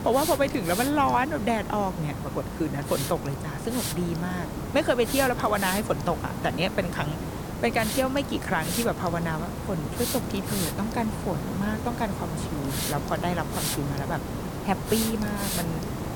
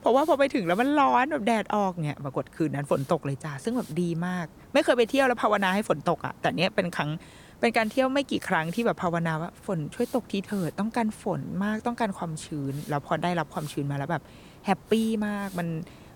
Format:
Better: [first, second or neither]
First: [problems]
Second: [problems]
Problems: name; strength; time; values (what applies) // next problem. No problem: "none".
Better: second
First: hiss; loud; throughout; 3 dB below the speech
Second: hiss; faint; throughout; 20 dB below the speech